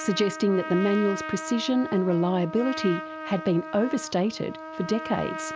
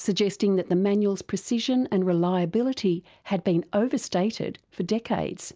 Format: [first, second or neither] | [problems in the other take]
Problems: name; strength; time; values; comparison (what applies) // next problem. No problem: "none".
second | background sound (Trumpet); 10 dB below the speech